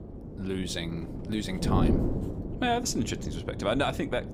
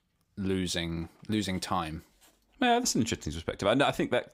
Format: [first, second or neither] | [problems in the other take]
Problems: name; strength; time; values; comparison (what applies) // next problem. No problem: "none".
second | wind noise on the microphone; heavy; 7 dB below the speech